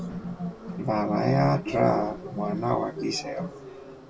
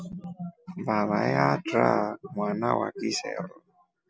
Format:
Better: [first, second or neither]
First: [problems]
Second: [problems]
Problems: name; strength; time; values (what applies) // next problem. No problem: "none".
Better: second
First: background sound (Subway, metro, underground); 15 dB below the speech // room echo; dies away in 0.1 s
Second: none